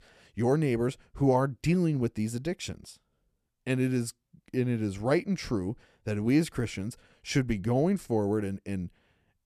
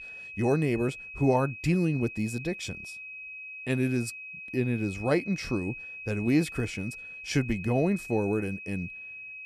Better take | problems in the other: first | high-pitched whine; noticeable; throughout; 2.5 kHz, 10 dB below the speech

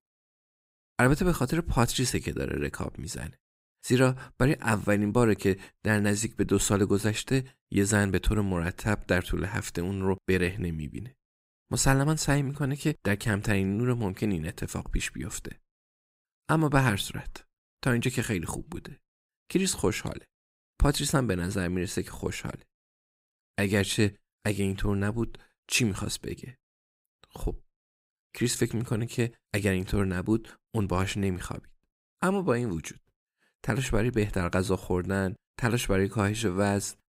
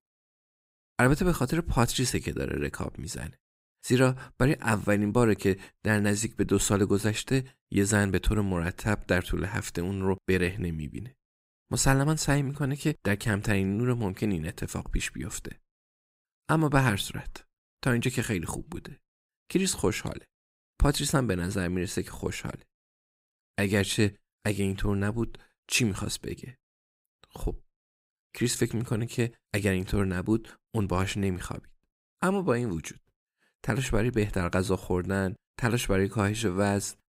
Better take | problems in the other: neither | none

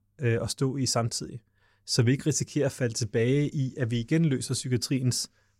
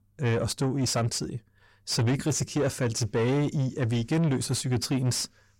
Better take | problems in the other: first | distortion; slight; 10 dB below the speech

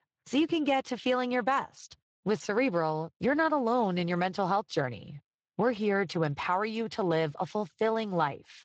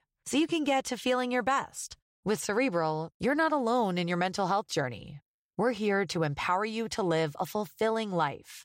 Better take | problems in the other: second | garbled, watery; slightly; nothing above 7.5 kHz

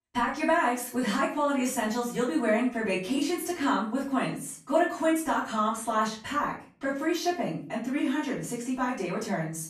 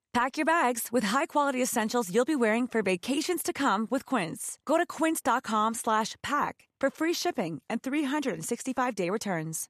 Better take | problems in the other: second | off-mic speech; far // room echo; slight; dies away in 0.4 s

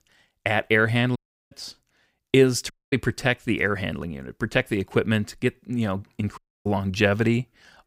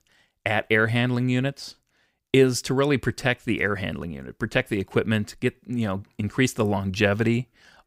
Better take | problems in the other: second | audio cutting out; at 1 s, at 2.5 s and at 6.5 s

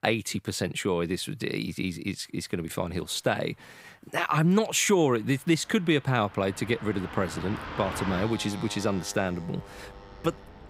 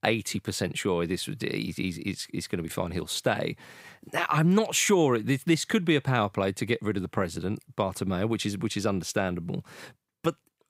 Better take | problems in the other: second | traffic noise; noticeable; throughout; 15 dB below the speech

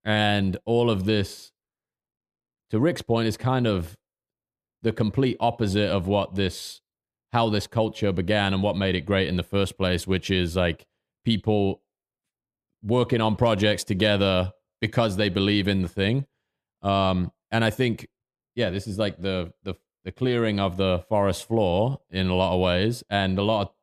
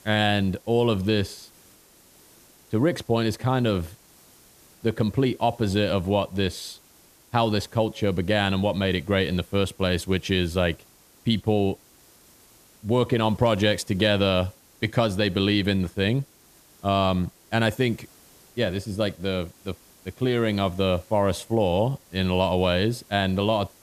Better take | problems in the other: first | hiss; faint; throughout; 30 dB below the speech

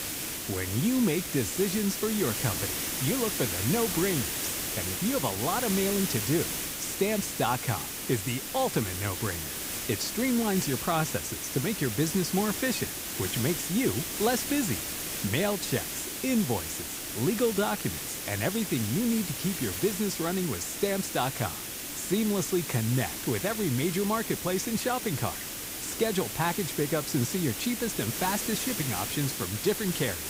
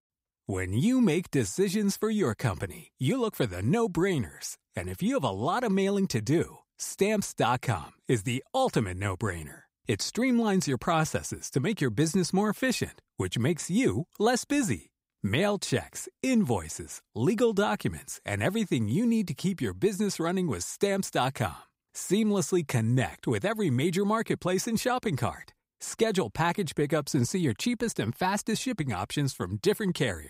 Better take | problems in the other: second | hiss; loud; throughout; 2 dB below the speech

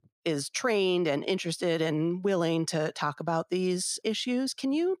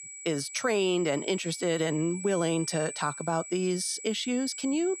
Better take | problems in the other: first | high-pitched whine; noticeable; throughout; 7.5 kHz, 10 dB below the speech

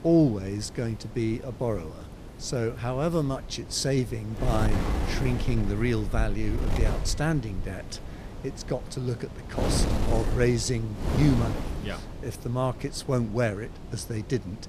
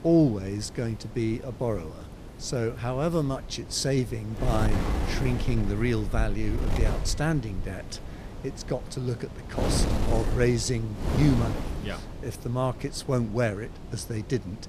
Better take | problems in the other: neither | wind noise on the microphone; heavy; 8 dB below the speech; the same in both

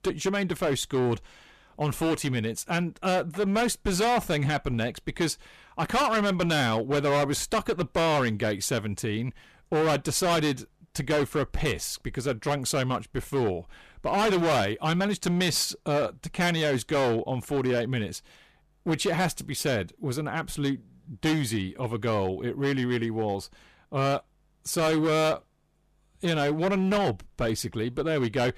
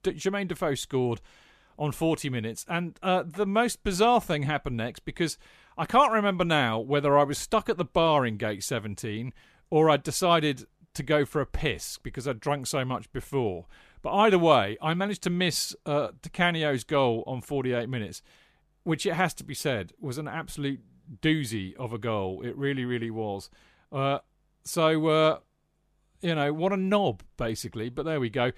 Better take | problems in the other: second | distortion; heavy; 13% of the sound clipped

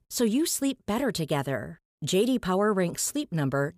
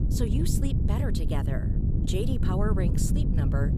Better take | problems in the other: first | wind noise on the microphone; heavy; 2 dB below the speech

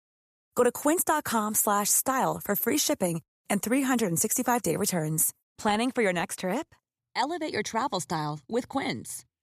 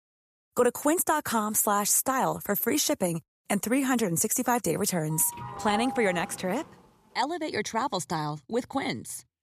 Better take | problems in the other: first | doorbell; noticeable; from 5 to 6.5 s; peak 7 dB below the speech

